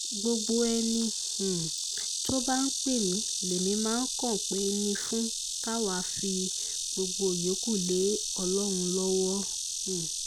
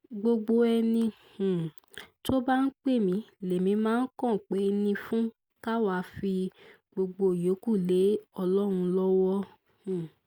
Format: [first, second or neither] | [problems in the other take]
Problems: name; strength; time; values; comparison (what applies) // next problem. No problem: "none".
second | noise reduction (neural mask model RNNoise)